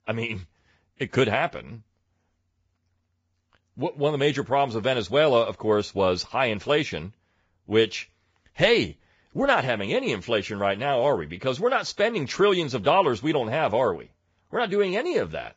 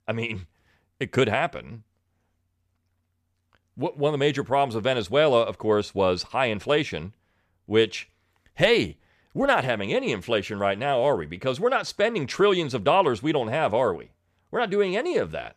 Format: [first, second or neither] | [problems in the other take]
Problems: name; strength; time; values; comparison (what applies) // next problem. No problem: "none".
second | garbled, watery; badly; nothing above 7.5 kHz